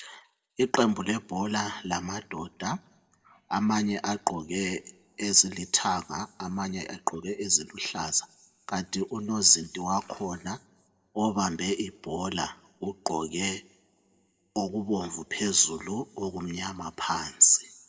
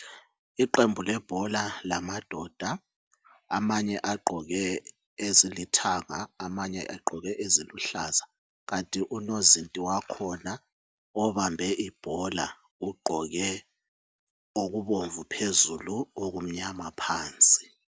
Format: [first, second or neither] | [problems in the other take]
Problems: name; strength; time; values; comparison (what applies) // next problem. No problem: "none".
second | room echo; dies away in 0.6 s